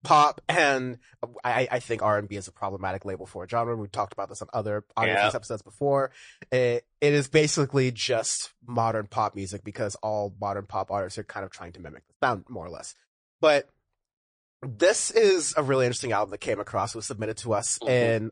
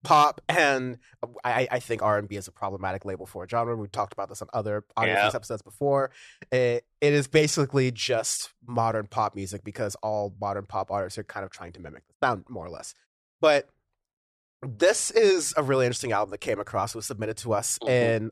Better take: second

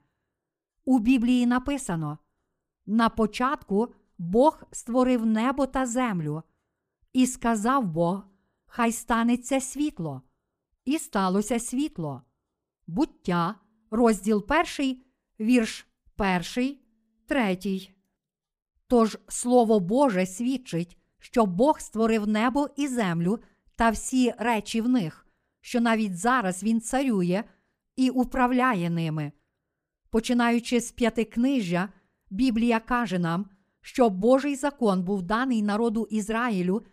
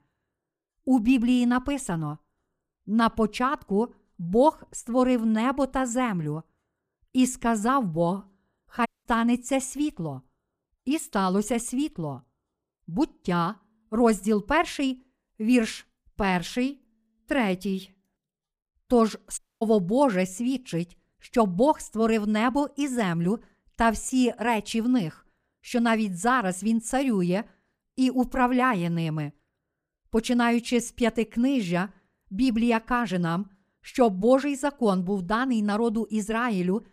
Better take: first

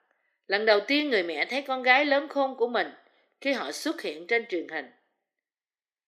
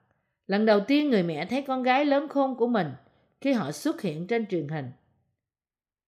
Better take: second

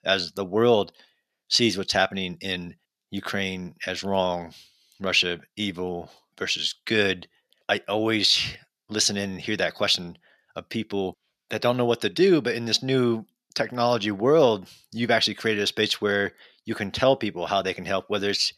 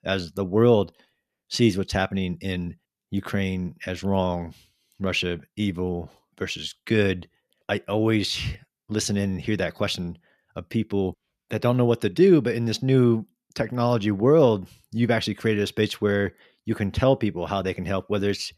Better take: second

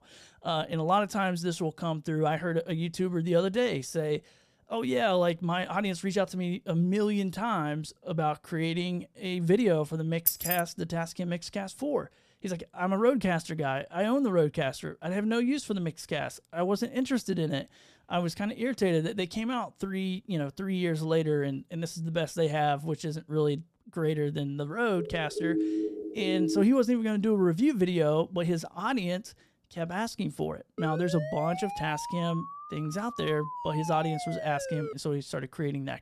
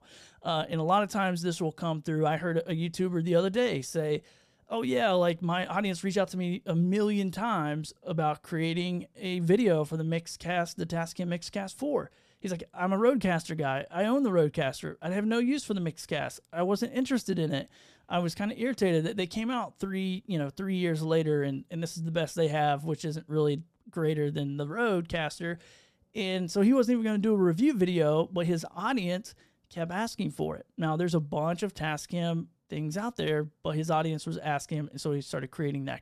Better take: second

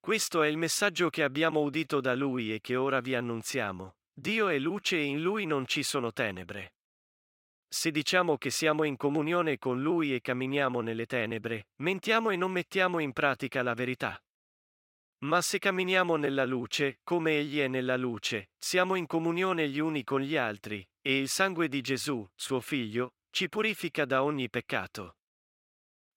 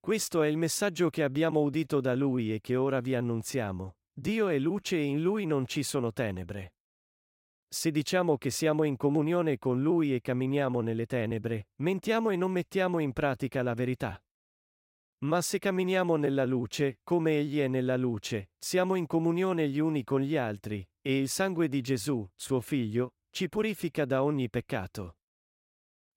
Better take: second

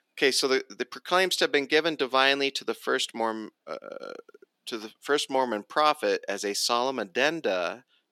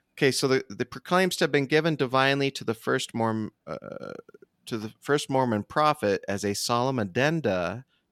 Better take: second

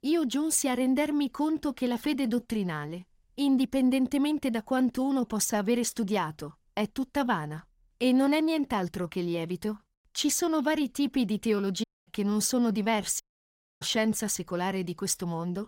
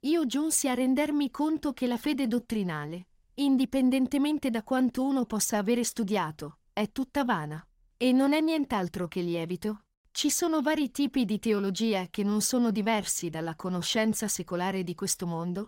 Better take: second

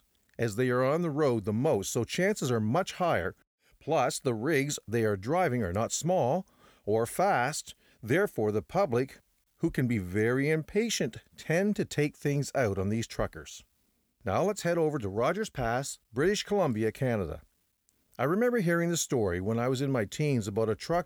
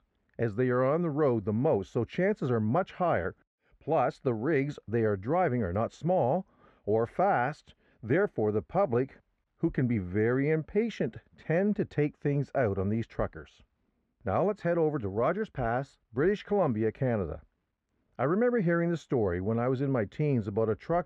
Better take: first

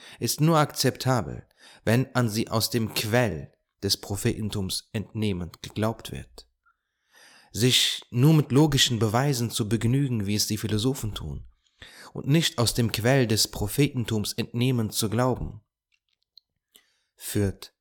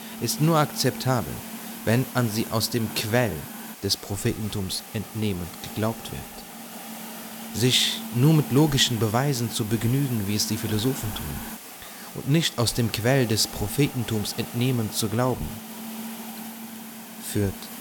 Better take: first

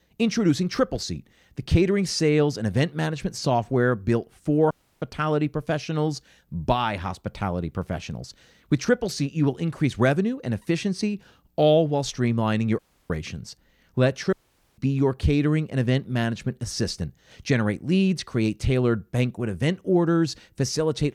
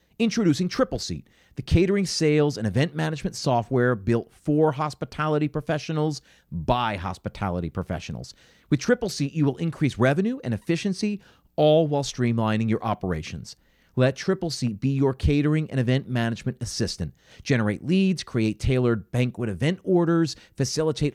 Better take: second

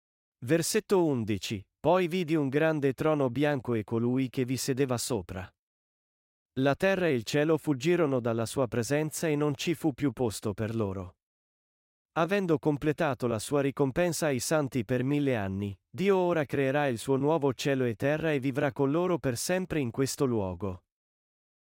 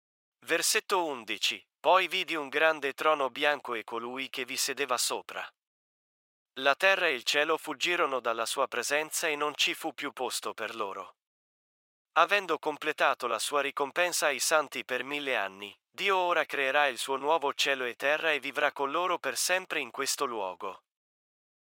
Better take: first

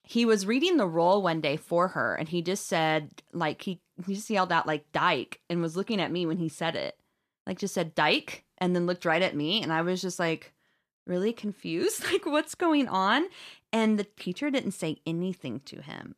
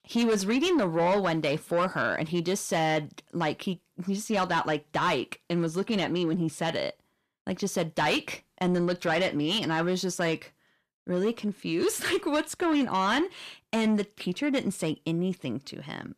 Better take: first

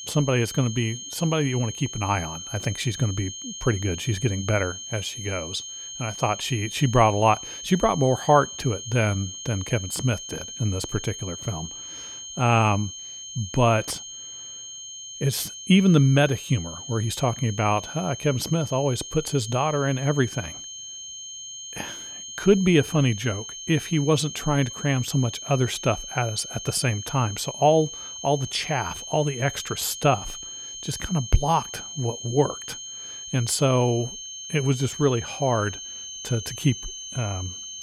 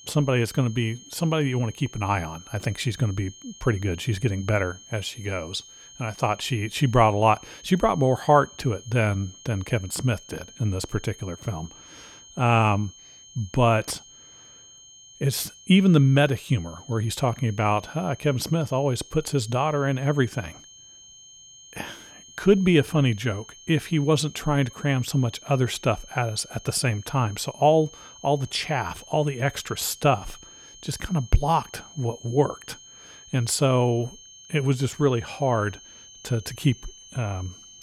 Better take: second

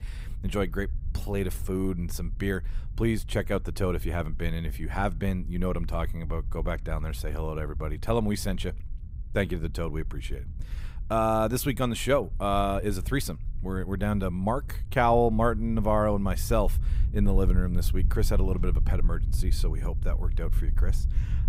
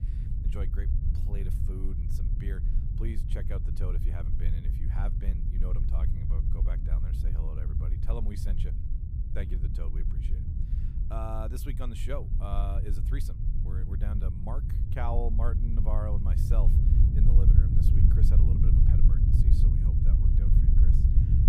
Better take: first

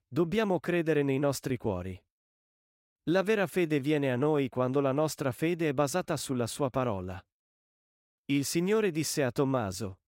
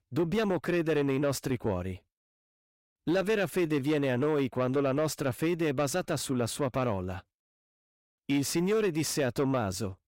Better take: first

